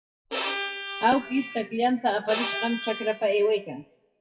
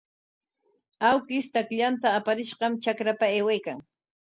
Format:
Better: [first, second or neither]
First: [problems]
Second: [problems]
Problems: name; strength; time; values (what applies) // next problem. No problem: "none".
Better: second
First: noise reduction (classical method WPE with log-MMSE)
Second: none